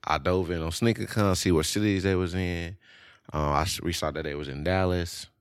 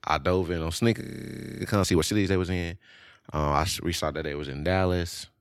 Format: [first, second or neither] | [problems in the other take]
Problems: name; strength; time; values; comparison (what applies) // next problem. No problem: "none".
first | audio freezing; at 1 s for 0.5 s